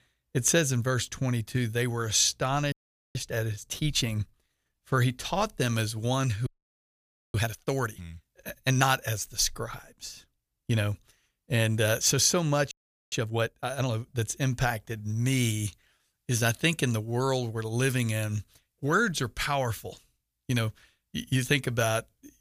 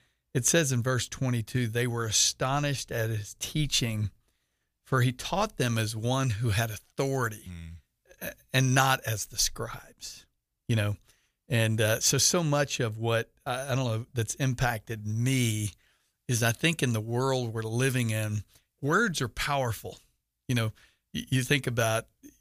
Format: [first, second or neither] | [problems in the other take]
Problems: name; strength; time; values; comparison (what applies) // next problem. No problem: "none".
second | audio freezing; at 2.5 s, at 6.5 s for 1 s and at 13 s